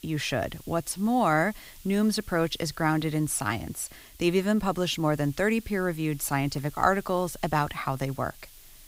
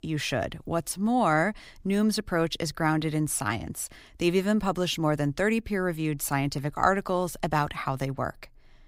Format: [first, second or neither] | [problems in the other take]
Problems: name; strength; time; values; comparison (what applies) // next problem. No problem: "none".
second | hiss; faint; throughout; 20 dB below the speech